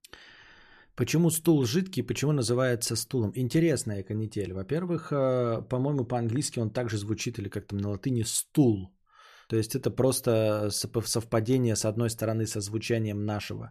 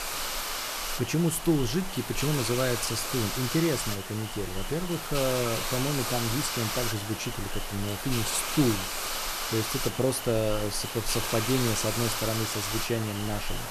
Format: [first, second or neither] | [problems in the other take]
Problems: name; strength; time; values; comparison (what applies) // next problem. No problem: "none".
first | hiss; loud; throughout; 2 dB below the speech